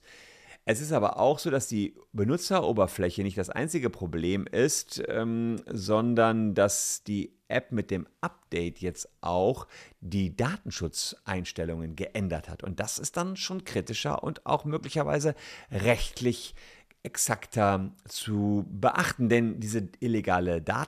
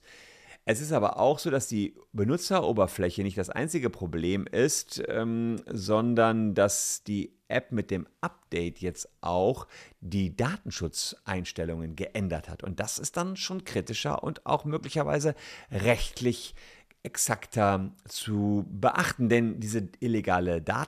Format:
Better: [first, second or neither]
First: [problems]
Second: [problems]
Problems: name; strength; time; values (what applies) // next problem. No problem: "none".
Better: neither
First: none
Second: none